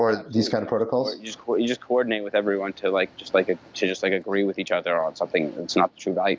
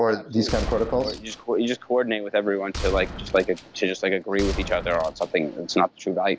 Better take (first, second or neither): first